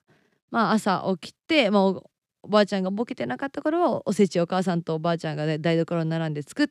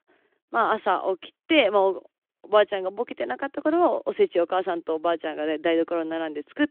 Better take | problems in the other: first | phone-call audio; nothing above 3 kHz

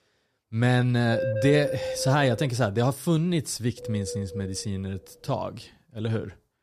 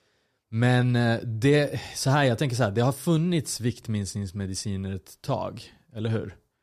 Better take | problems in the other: second | wind noise on the microphone; heavy; from 1 to 2.5 s and from 4 to 5.5 s; 4 dB below the speech

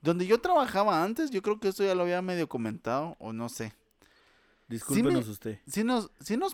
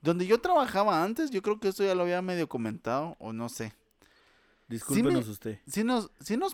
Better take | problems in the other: neither | none

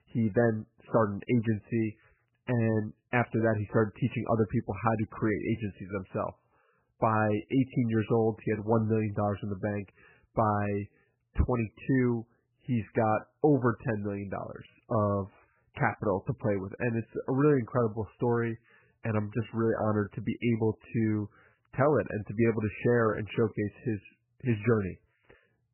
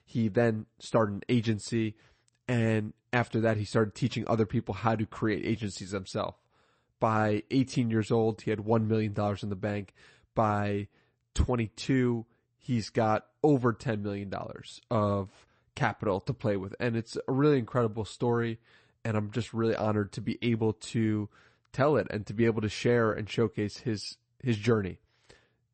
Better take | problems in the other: second | garbled, watery; badly; nothing above 3 kHz; slightly in the second

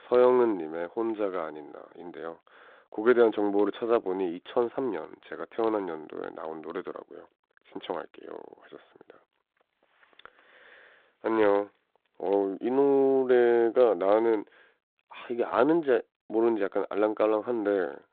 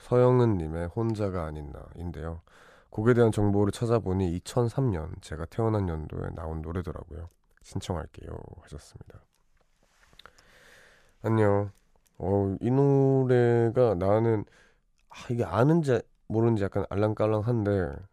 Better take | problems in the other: second | phone-call audio; nothing above 4 kHz

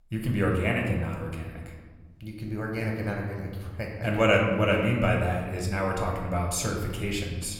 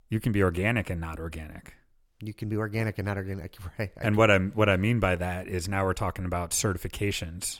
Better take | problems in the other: second | room echo; noticeable; dies away in 1.2 s // off-mic speech; somewhat distant

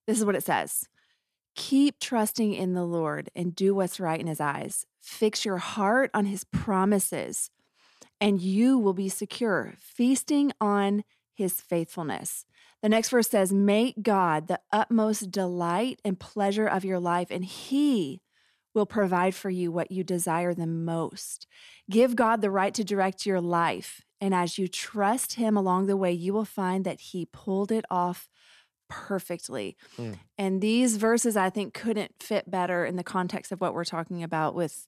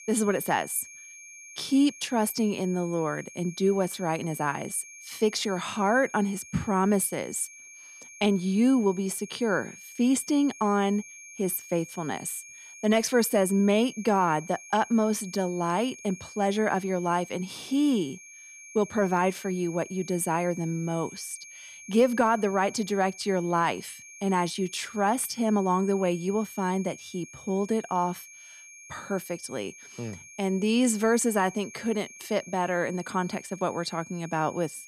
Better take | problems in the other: first | high-pitched whine; noticeable; throughout; 2.5 kHz, 15 dB below the speech

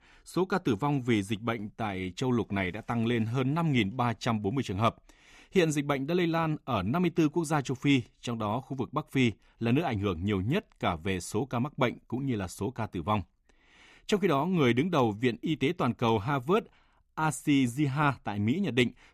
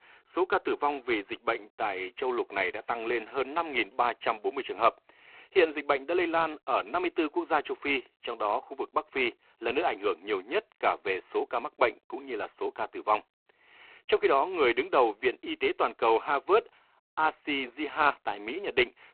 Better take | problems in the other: first | phone-call audio; poor line

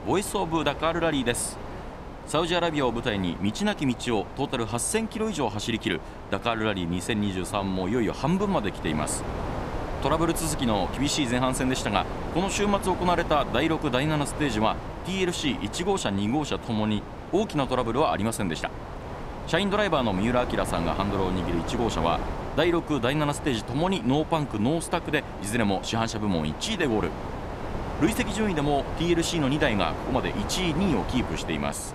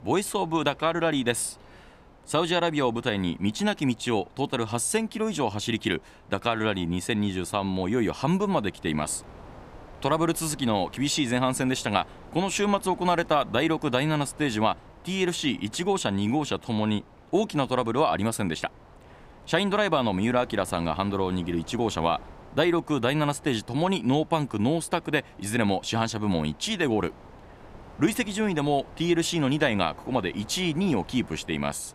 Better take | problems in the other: second | wind noise on the microphone; heavy; 9 dB below the speech; occasional gusts in the second

